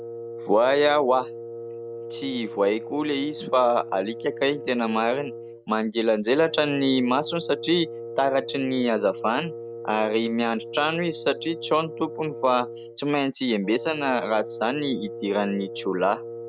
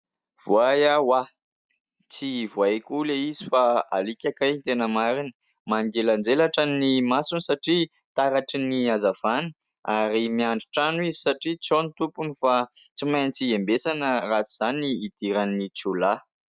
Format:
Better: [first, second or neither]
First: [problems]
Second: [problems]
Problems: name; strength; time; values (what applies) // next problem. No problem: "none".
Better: second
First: background sound (Wind instrument, woodwind instrument); 11 dB below the speech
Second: none